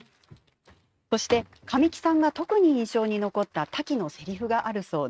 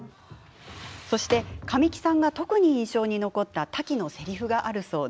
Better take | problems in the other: second | noise reduction (neural mask model RNNoise)

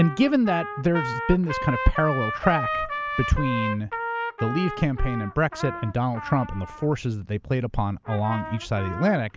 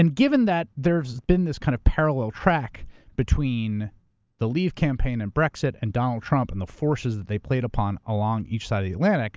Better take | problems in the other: second | background sound (Trumpet); 8 dB below the speech

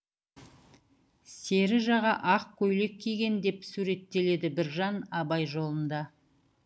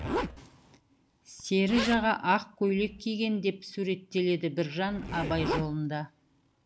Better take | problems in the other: first | background sound (Zipper (clothing)); 9 dB below the speech

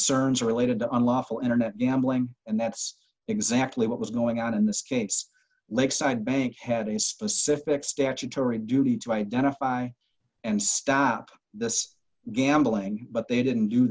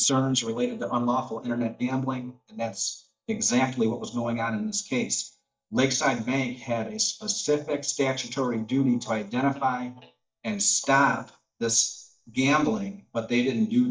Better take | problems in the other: first | noise reduction (neural mask model DeepFilterNet 3)

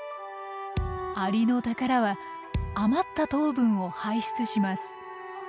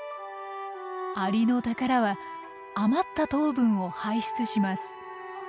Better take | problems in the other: second | background sound (Thump, thud); 9 dB below the speech

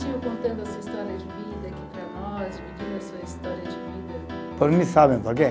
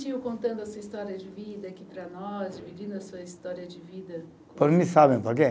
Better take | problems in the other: second | background sound (Piano); 9 dB below the speech

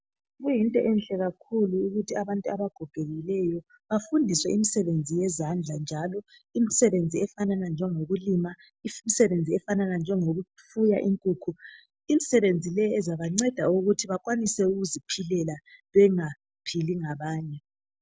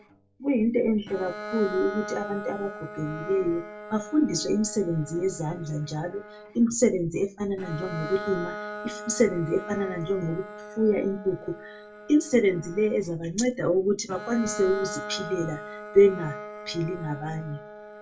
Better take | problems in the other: first | background sound (Bowed string instrument); 13 dB below the speech // room echo; dies away in 0.2 s

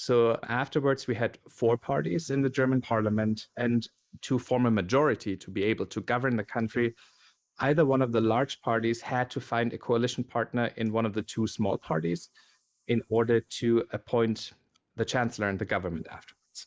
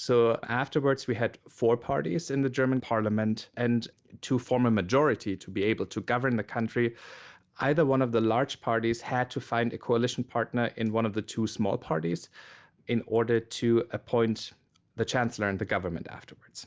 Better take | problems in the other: second | noise reduction (neural mask model Resemble Enhance denoiser)

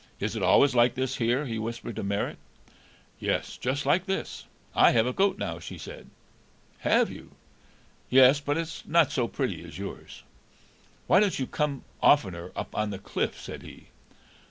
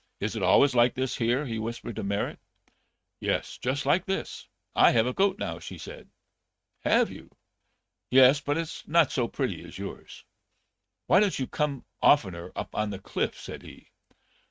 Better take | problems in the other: first | noise reduction (neural mask model RNNoise)

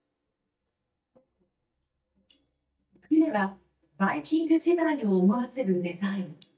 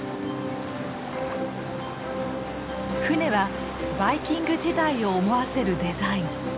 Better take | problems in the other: second | noise reduction (neural mask model DeepFilterNet 3)

